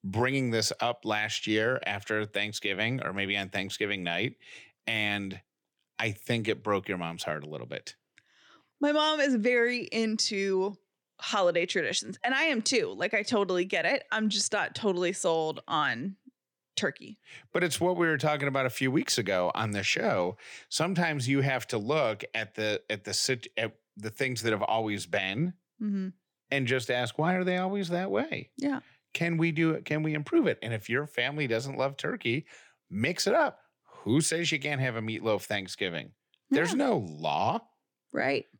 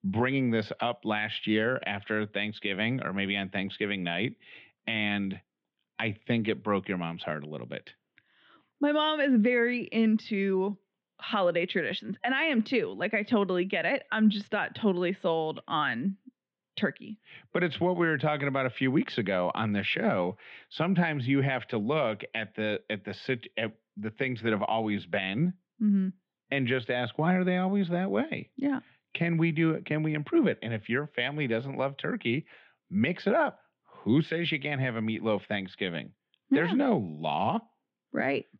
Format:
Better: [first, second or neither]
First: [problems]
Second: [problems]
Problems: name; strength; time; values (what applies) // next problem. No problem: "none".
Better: first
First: none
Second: muffled; very; fading above 3.5 kHz